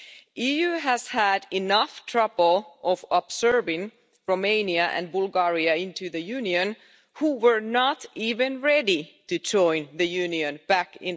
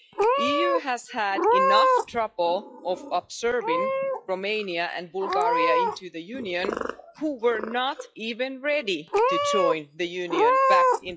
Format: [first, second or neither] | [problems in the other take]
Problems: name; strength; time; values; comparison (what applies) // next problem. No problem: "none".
first | noise reduction (classical method log-MMSE)